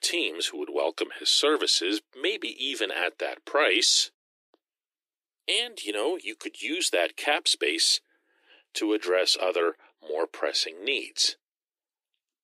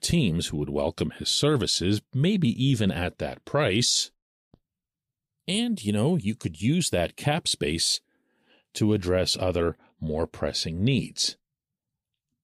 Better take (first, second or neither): second